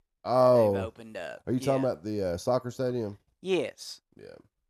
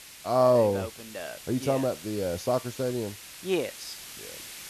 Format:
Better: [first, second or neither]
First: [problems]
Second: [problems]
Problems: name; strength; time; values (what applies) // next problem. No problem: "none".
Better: first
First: none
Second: hiss; noticeable; throughout; 15 dB below the speech